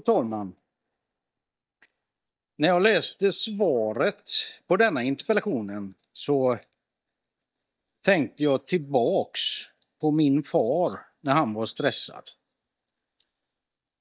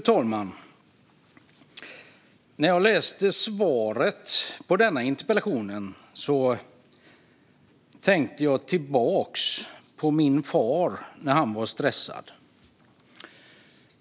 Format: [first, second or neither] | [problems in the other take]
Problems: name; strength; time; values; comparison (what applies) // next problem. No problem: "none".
second | noise reduction (neural mask model DeepFilterNet 3)